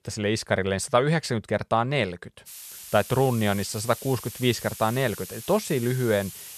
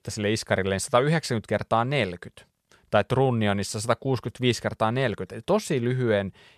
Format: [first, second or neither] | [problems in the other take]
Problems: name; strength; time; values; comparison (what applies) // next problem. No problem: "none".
second | hiss; noticeable; from 2.5 s on; 15 dB below the speech